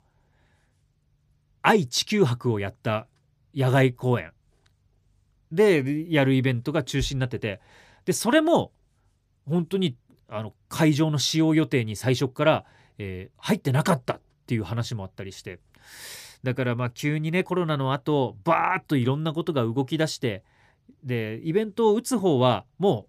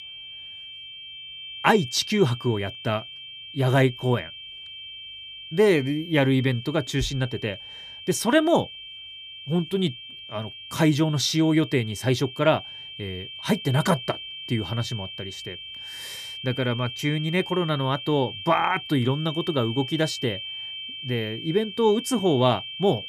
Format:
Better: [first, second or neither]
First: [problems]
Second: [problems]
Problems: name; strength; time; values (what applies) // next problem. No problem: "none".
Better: first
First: none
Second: high-pitched whine; noticeable; throughout; 3 kHz, 10 dB below the speech